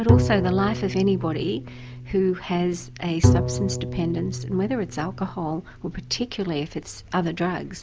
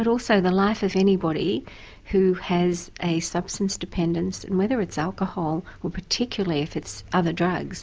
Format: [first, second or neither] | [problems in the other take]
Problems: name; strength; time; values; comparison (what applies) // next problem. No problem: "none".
second | background sound (Bowed string instrument); as loud as the speech